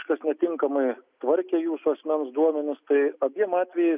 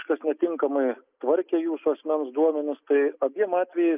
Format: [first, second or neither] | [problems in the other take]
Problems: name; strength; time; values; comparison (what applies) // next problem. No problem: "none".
first | noise reduction (neural mask model Resemble Enhance denoiser)